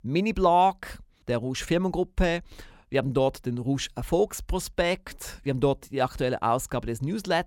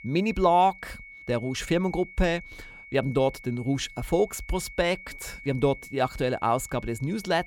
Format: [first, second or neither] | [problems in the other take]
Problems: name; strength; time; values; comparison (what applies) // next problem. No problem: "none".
first | high-pitched whine; noticeable; throughout; 2 kHz, 15 dB below the speech